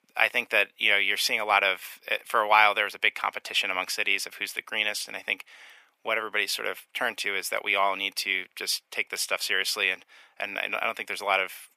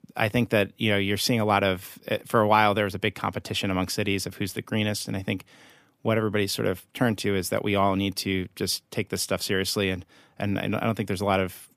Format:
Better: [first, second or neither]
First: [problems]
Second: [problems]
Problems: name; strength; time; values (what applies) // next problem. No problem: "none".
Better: second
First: thin; very; fading below 800 Hz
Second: none